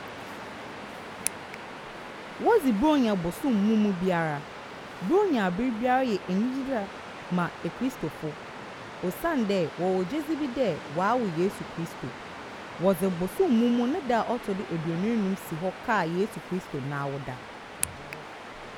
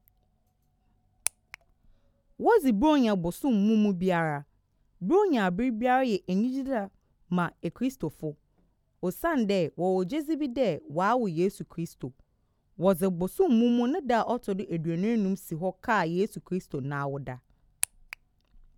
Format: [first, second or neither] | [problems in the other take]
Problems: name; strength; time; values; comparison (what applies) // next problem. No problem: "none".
second | background sound (Waves, surf); 12 dB below the speech